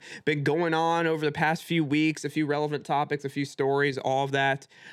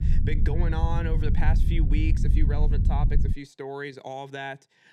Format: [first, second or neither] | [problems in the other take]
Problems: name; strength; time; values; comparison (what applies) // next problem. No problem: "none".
first | low rumble; loud; until 3.5 s; 5 dB below the speech